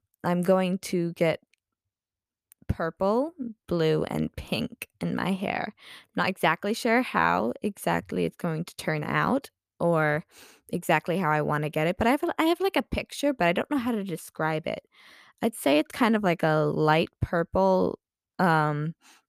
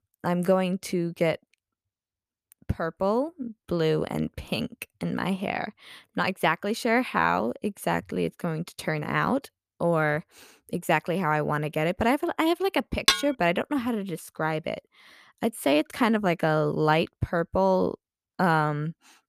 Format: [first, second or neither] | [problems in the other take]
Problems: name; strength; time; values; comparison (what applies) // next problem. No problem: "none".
first | clattering dishes; loud; at 13 s; peak 4 dB above the speech